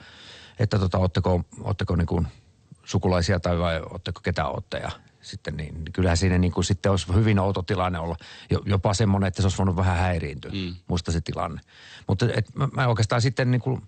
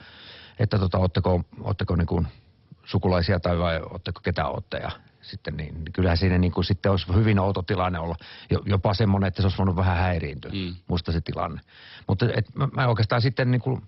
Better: first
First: garbled, watery; slightly; nothing above 8.5 kHz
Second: garbled, watery; badly; nothing above 5.5 kHz

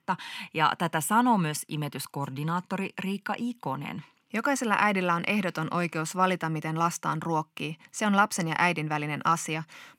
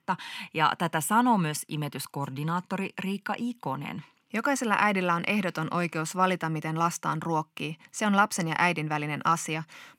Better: neither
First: thin; very slightly; fading below 350 Hz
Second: thin; very slightly; fading below 350 Hz

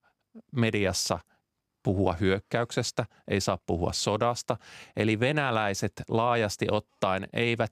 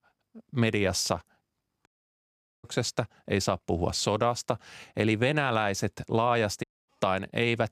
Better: first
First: none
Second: audio cutting out; at 2 s for 1 s and at 6.5 s

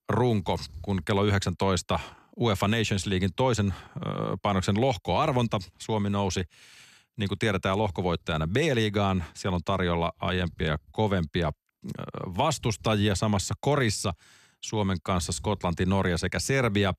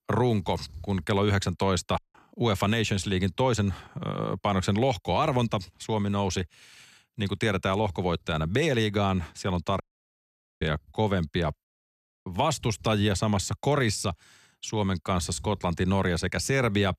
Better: first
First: none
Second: audio cutting out; at 2 s, at 10 s for 1 s and at 12 s for 0.5 s

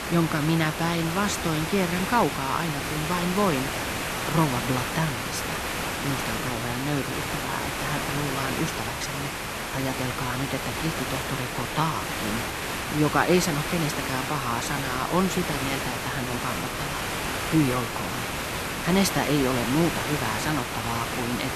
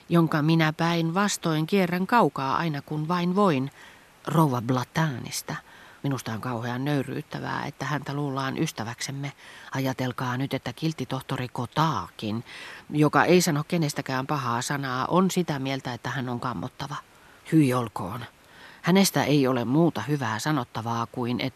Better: second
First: hiss; loud; throughout; 1 dB below the speech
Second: hiss; faint; throughout; 30 dB below the speech

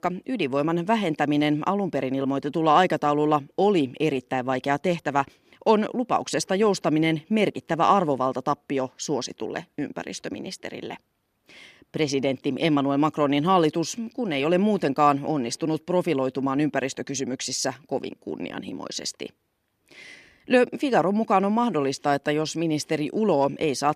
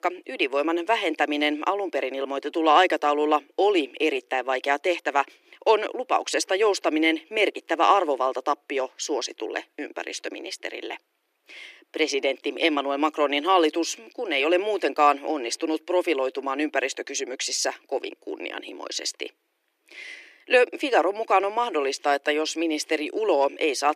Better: first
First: none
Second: thin; somewhat; fading below 300 Hz

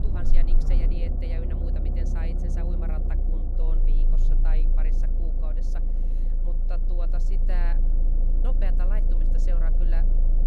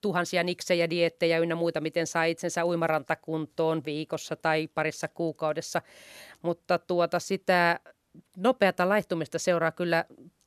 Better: second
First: low rumble; loud; throughout; 1 dB below the speech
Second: none

